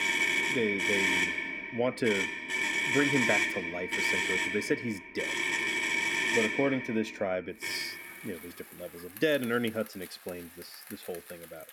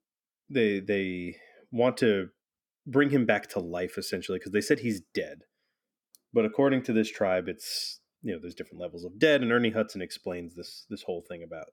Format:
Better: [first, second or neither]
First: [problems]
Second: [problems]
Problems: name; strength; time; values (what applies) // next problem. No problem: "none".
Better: second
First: traffic noise; very loud; throughout; 4 dB above the speech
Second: none